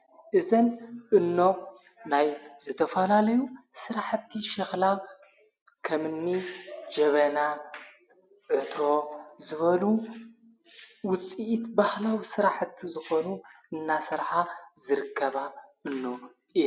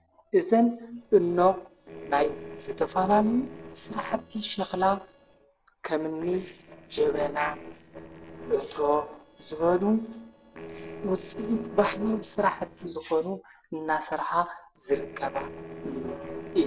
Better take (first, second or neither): first